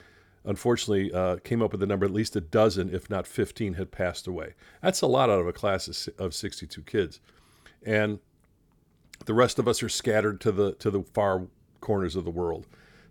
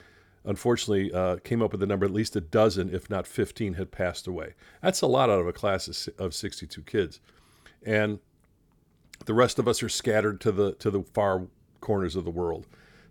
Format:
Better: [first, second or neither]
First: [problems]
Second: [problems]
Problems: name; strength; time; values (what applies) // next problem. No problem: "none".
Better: neither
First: none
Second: none